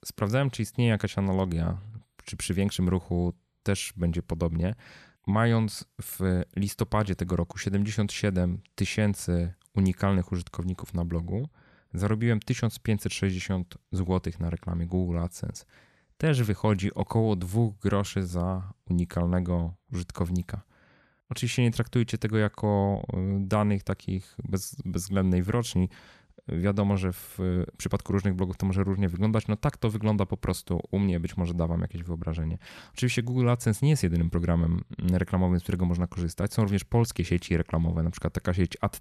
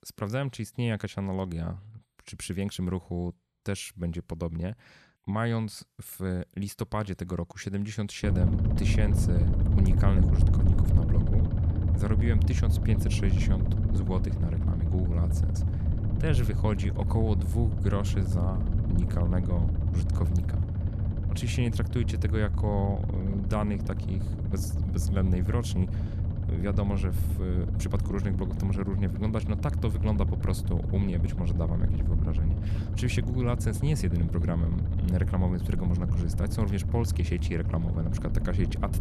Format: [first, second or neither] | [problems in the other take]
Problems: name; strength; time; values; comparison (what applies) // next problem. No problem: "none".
first | low rumble; loud; from 8 s on; 4 dB below the speech